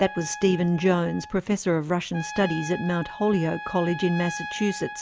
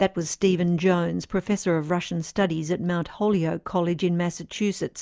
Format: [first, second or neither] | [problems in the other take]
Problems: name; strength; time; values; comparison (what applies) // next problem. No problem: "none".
second | background sound (Trumpet); 12 dB below the speech